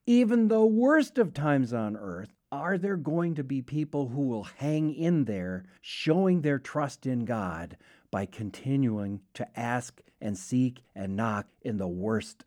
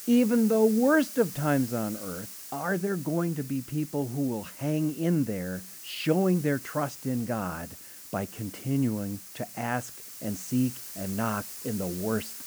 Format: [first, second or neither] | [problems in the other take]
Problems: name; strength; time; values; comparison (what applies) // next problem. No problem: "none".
first | hiss; noticeable; throughout; 10 dB below the speech